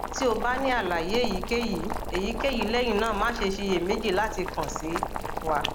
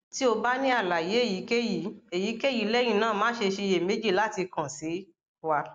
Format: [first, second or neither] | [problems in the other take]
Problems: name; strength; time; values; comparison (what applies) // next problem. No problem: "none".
second | background sound (Boiling); 4 dB below the speech